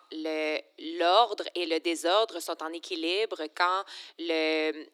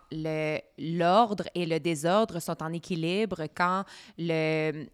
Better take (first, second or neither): second